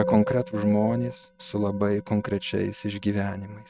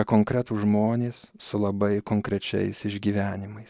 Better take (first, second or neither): second